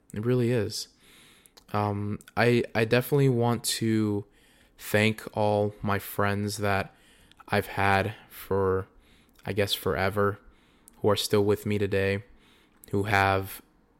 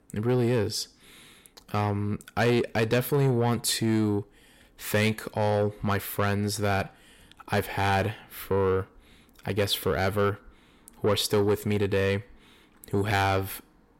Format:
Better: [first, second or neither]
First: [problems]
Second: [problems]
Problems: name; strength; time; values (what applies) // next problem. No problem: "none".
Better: first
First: none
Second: distortion; slight; 10 dB below the speech